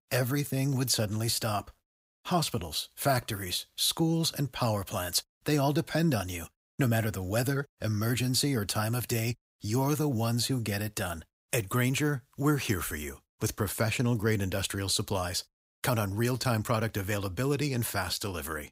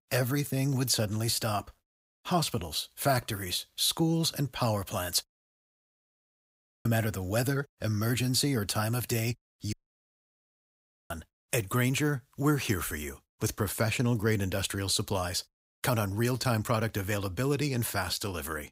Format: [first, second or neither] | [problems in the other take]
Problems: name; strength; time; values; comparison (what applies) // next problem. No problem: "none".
first | audio cutting out; at 5.5 s for 1.5 s and at 9.5 s for 1.5 s